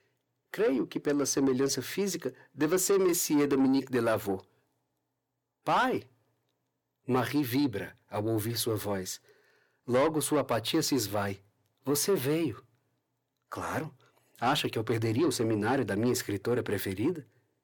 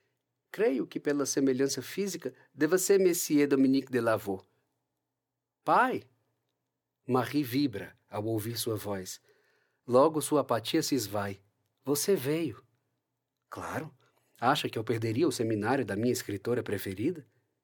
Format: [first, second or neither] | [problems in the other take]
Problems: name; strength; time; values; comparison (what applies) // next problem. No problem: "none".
second | distortion; slight; 10 dB below the speech